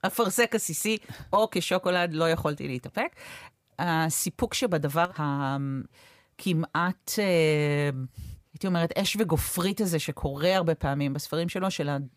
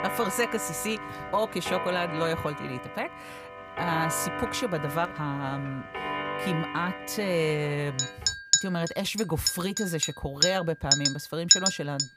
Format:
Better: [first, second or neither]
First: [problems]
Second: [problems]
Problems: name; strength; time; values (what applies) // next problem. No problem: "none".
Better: first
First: none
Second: household noises; very loud; throughout; 2 dB above the speech